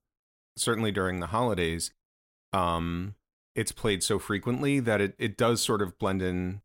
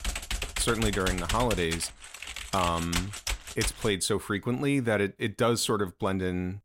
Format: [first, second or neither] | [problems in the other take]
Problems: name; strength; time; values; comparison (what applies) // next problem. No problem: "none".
first | keyboard typing; noticeable; until 4 s; peak 3 dB below the speech